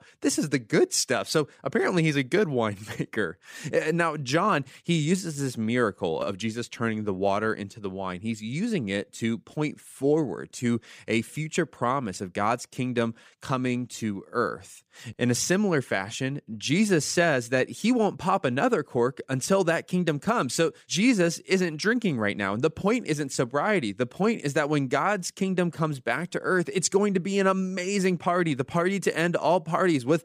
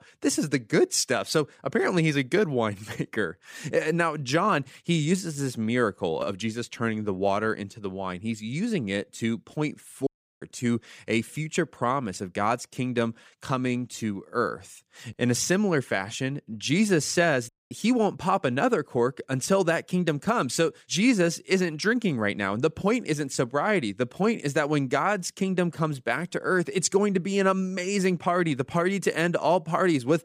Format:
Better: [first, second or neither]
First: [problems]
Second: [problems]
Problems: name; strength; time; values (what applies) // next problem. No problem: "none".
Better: first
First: none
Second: audio cutting out; at 10 s and at 17 s